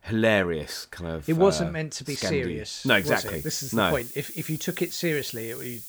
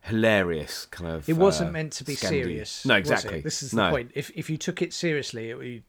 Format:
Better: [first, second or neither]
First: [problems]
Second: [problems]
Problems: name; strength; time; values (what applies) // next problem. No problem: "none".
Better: second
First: hiss; noticeable; from 3 s on; 10 dB below the speech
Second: none